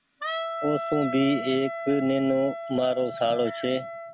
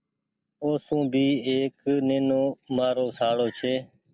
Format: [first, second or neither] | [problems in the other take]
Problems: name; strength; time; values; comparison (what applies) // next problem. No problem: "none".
second | background sound (Wind instrument, woodwind instrument); 7 dB below the speech